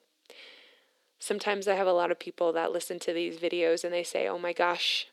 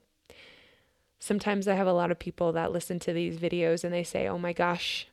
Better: second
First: thin; somewhat; fading below 300 Hz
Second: none

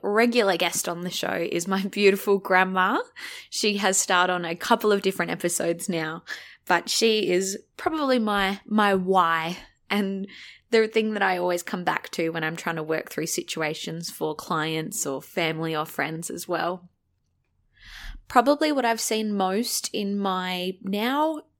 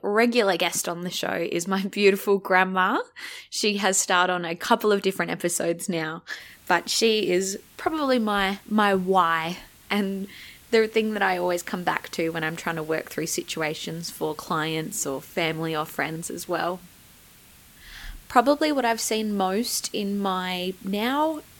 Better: first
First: none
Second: hiss; faint; from 6.5 s on; 25 dB below the speech

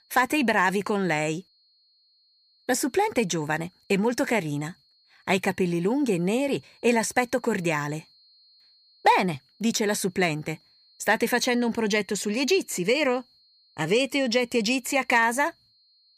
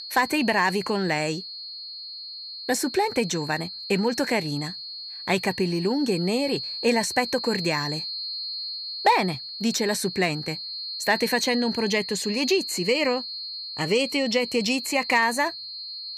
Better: first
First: high-pitched whine; faint; throughout; 4.5 kHz, 35 dB below the speech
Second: high-pitched whine; loud; throughout; 4.5 kHz, 7 dB below the speech

